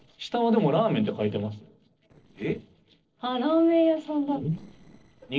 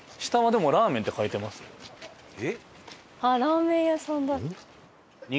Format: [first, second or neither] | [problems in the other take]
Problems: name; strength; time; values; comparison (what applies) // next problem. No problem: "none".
second | noise reduction (neural separator model SepFormer DNS4)